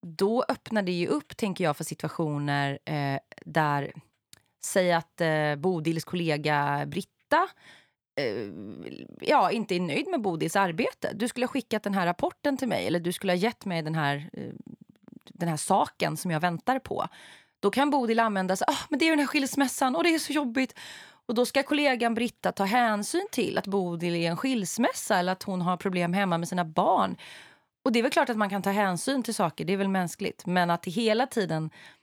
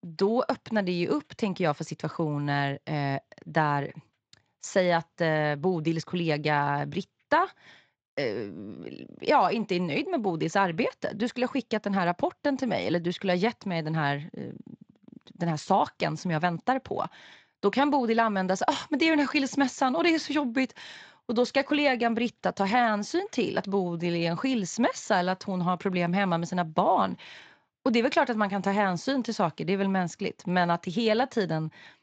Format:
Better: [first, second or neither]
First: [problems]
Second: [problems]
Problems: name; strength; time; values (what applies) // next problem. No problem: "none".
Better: first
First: none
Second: garbled, watery; slightly; nothing above 7.5 kHz